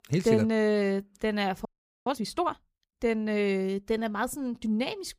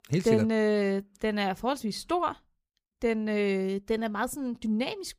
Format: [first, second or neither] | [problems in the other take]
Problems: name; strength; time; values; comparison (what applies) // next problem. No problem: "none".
second | audio freezing; at 1.5 s